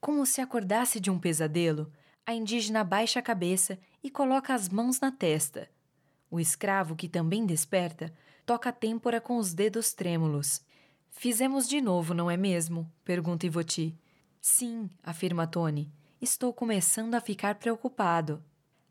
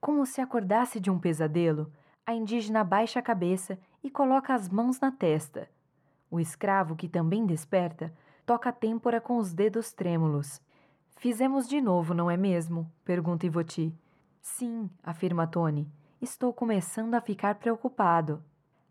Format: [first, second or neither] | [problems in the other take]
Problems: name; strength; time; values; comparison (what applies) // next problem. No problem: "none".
first | muffled; very; fading above 2.5 kHz